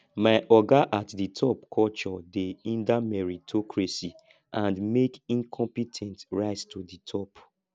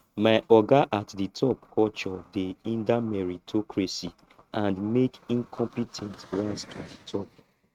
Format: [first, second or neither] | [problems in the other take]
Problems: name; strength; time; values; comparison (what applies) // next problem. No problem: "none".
first | noise reduction (neural mask model RNNoise)